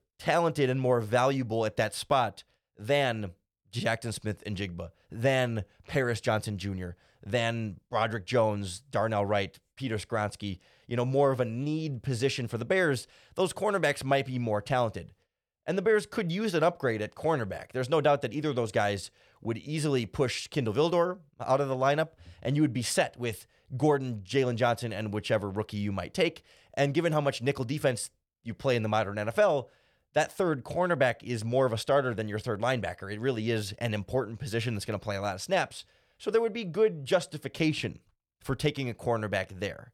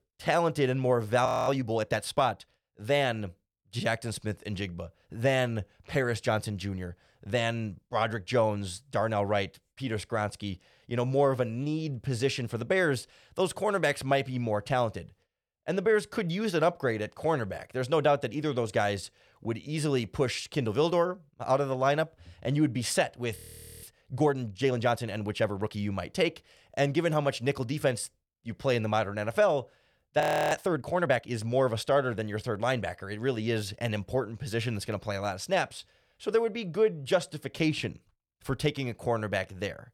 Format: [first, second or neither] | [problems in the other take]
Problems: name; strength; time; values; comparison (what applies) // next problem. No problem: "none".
first | audio freezing; at 1.5 s, at 23 s and at 30 s